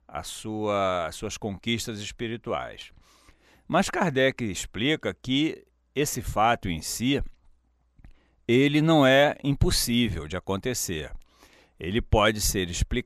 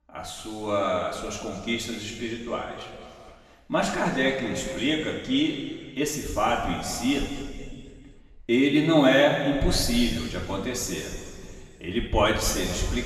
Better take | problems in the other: first | room echo; noticeable; dies away in 2 s // off-mic speech; far

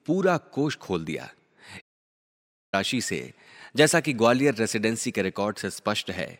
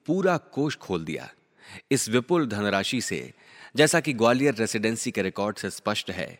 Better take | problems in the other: second | audio cutting out; at 2 s for 1 s

